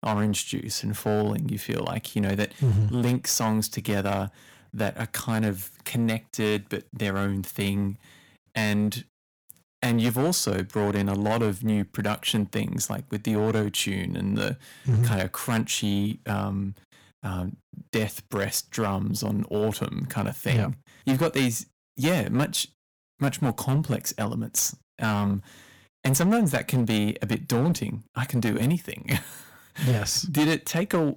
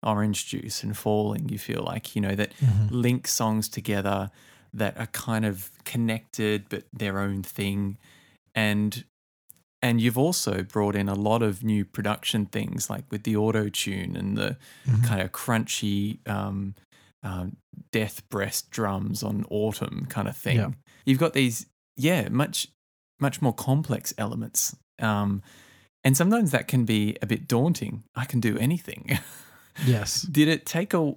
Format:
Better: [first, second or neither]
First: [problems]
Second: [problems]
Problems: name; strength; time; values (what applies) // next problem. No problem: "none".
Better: second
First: distortion; slight; 6% of the sound clipped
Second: none